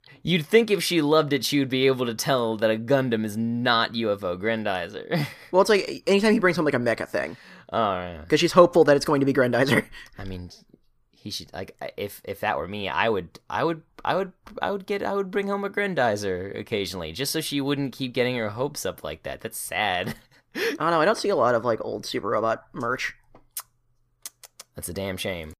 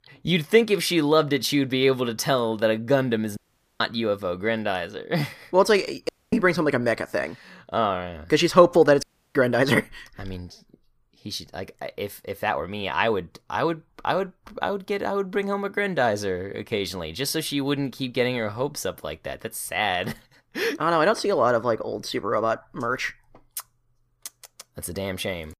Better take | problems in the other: first | audio cutting out; at 3.5 s, at 6 s and at 9 s

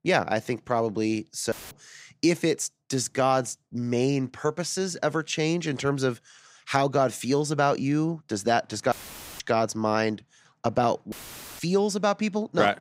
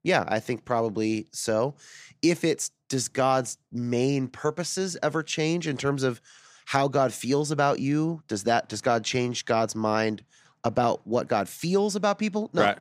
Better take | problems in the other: second | audio cutting out; filled with static; at 1.5 s, at 9 s and at 11 s

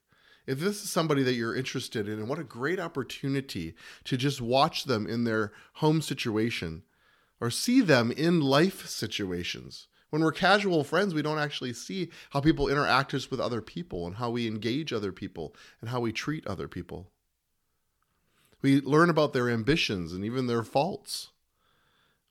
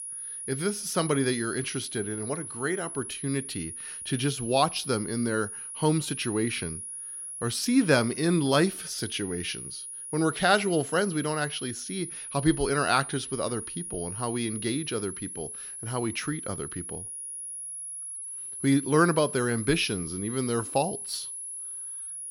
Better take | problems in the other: first | high-pitched whine; loud; throughout; 10.5 kHz, 7 dB below the speech

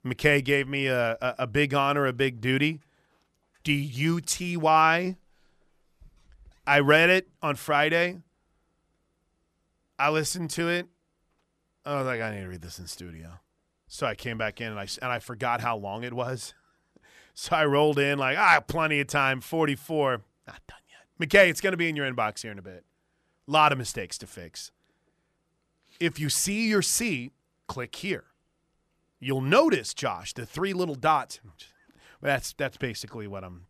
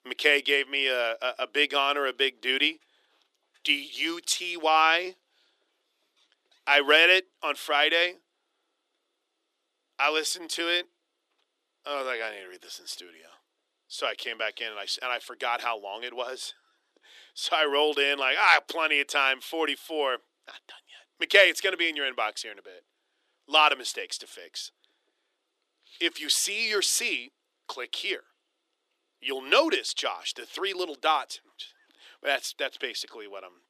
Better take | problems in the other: first | thin; somewhat; fading below 300 Hz

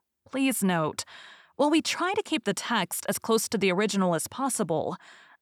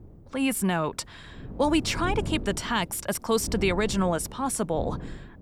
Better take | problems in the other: first | wind noise on the microphone; occasional gusts; 15 dB below the speech

